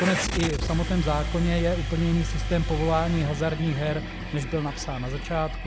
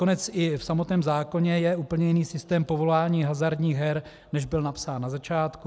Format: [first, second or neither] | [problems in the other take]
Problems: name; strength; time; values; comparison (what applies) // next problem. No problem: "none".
second | background sound (Engine starting / Car); 3 dB below the speech